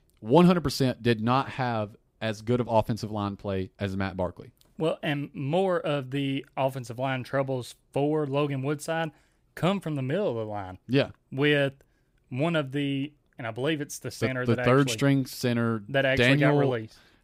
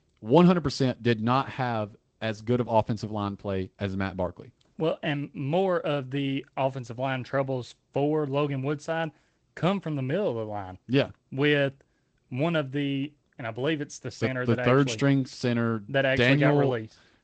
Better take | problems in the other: first | garbled, watery; slightly; nothing above 8 kHz

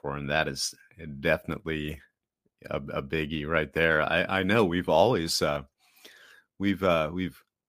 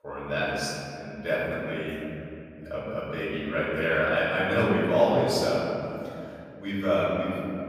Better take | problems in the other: first | room echo; strong; dies away in 2.6 s // off-mic speech; far

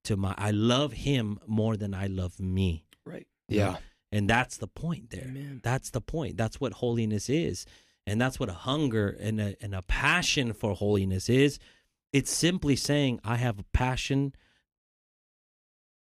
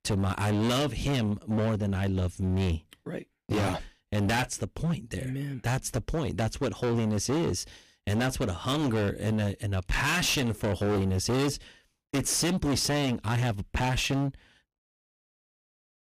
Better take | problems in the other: first | distortion; heavy; 22% of the sound clipped

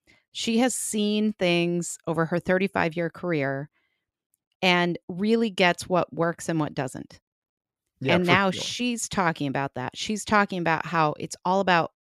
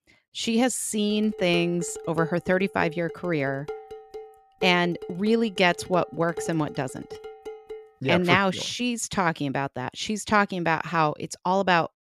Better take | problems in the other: first | clattering dishes; noticeable; from 1 to 8 s; peak 9 dB below the speech

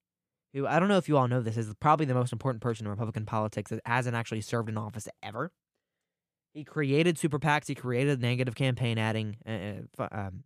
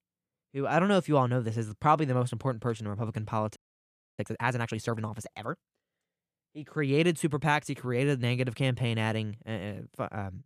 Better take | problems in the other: first | audio freezing; at 3.5 s for 0.5 s

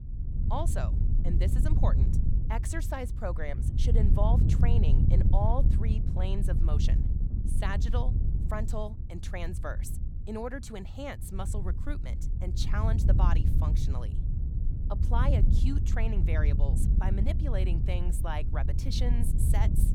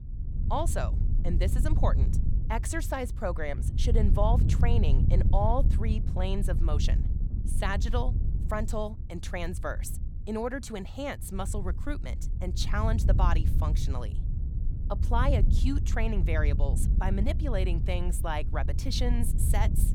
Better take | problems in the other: second | wind noise on the microphone; heavy; 5 dB below the speech; occasional gusts in the second

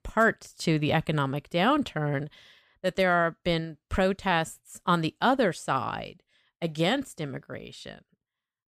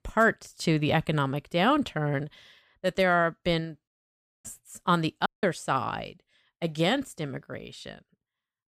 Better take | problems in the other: first | audio cutting out; at 4 s for 0.5 s and at 5.5 s

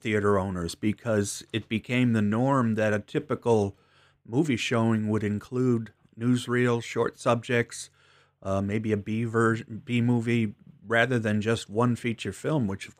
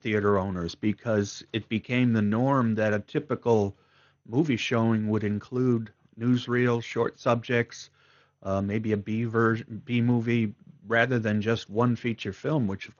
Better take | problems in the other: first | garbled, watery; slightly; nothing above 6.5 kHz

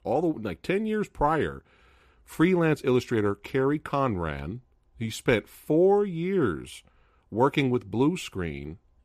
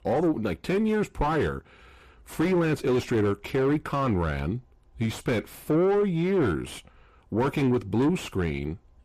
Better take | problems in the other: first | distortion; heavy; 7 dB below the speech

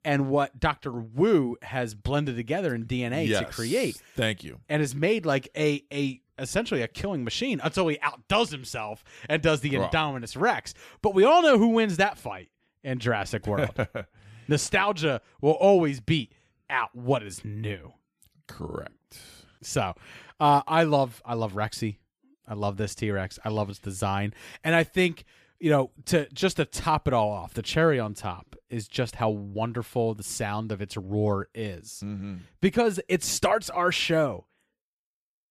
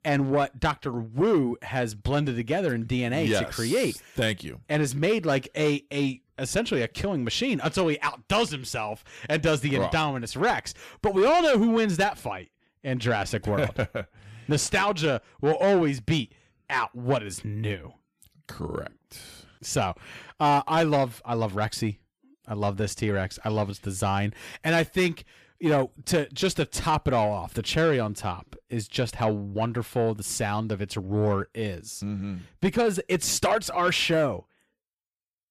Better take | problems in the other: first | distortion; slight; 10 dB below the speech

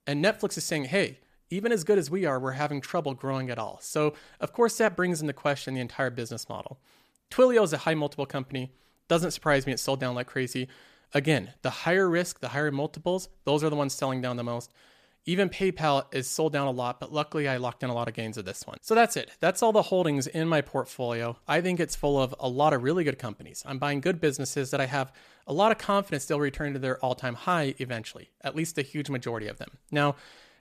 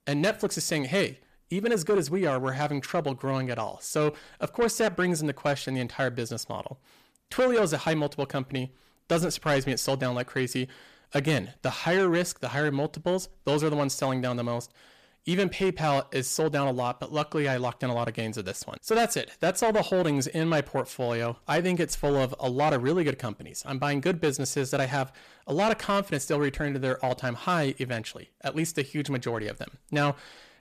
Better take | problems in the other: first | distortion; slight; 10 dB below the speech

